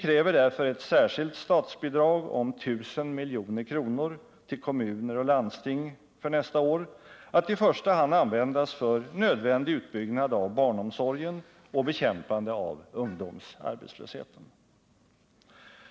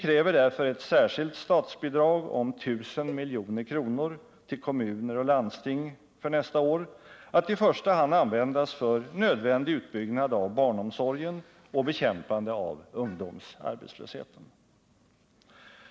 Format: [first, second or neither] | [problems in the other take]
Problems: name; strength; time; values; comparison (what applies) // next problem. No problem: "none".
first | background sound (Cowbell); 19 dB below the speech